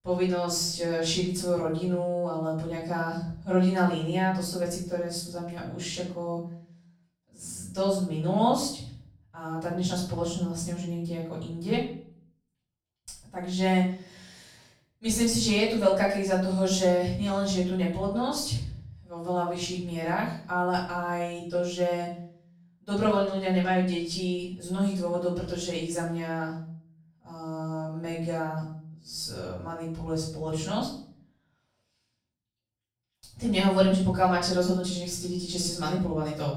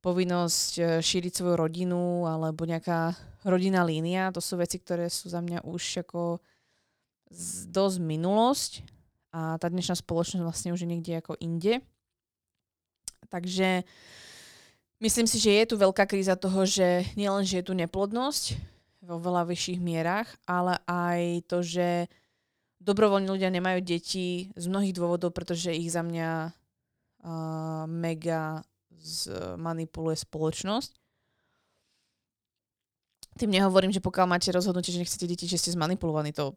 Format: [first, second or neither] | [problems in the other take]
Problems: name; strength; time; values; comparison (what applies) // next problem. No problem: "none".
second | off-mic speech; far // room echo; noticeable; dies away in 0.5 s